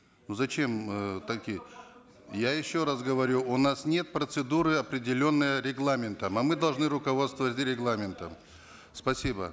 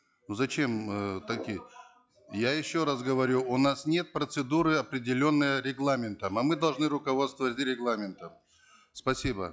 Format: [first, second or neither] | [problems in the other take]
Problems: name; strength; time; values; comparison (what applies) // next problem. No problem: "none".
first | noise reduction (classical method log-MMSE)